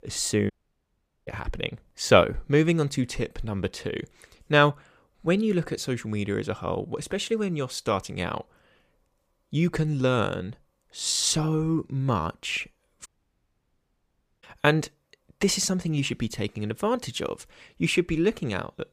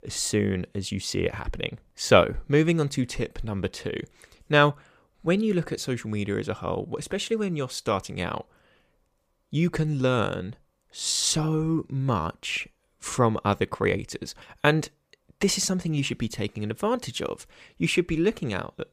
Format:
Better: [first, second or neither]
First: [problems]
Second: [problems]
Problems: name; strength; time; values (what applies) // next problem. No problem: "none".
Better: second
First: audio cutting out; at 0.5 s for 1 s and at 13 s for 1.5 s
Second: none